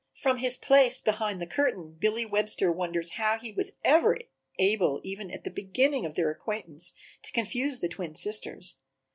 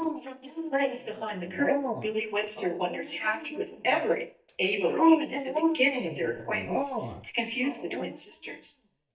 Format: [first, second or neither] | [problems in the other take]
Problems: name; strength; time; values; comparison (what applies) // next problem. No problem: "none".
first | noise reduction (neural mask model DeepFilterNet 3)